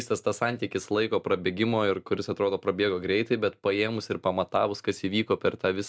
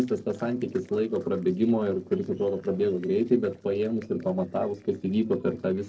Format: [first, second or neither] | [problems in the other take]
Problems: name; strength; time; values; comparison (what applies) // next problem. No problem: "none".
first | noise reduction (neural separator model SepFormer DNS4)